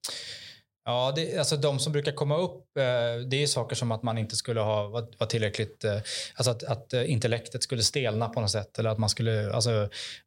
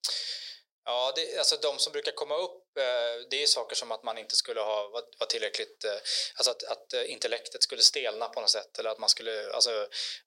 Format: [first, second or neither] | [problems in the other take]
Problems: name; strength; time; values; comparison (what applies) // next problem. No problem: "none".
first | thin; very; fading below 400 Hz